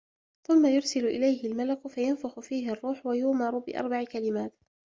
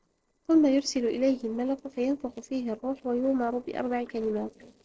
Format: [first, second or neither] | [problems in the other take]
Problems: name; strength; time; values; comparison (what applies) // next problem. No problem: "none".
first | noise reduction (neural separator model SepFormer DNS4)